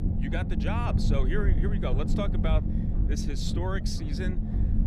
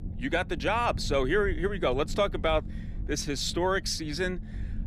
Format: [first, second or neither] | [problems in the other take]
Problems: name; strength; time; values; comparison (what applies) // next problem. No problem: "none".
second | low rumble; loud; throughout; 4 dB below the speech; faint in the second